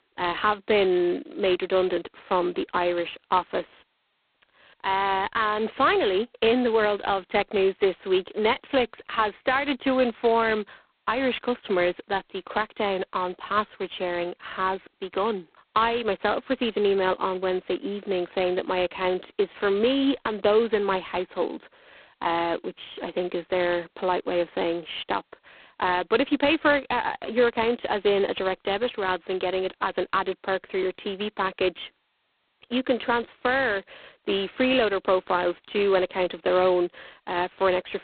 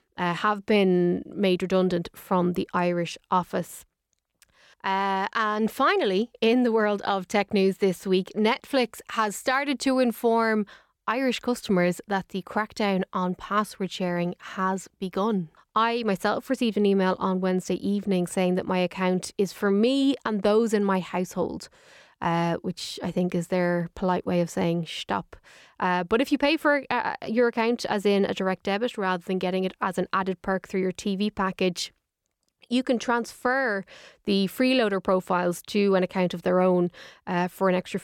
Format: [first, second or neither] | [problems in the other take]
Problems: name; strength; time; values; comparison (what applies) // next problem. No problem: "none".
second | phone-call audio; poor line; nothing above 4 kHz